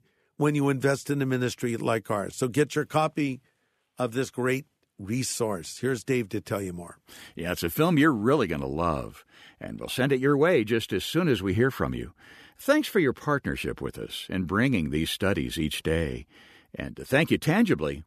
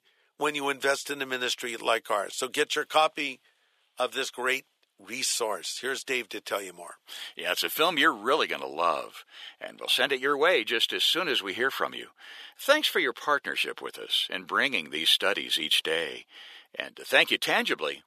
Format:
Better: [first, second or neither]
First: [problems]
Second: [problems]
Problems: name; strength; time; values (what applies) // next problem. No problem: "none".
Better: first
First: none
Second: thin; very; fading below 700 Hz